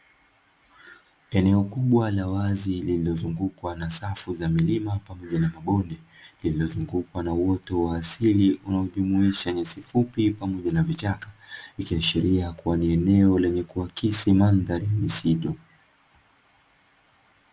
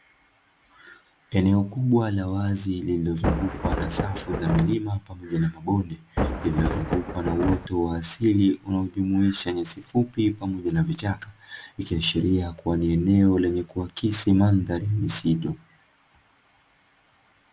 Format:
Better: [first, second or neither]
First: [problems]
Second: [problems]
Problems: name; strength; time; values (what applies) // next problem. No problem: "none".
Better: first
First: none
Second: background sound (Thunder); 2 dB below the speech